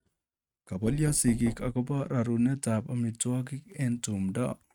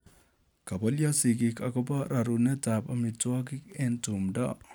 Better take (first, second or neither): second